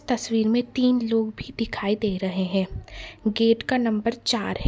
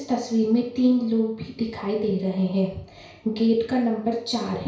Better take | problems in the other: first | room echo; dies away in 0.6 s

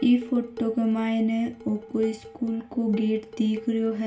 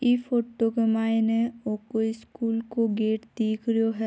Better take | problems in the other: second | background sound (Dishes, pots, and pans); 17 dB below the speech // room echo; dies away in 0.3 s

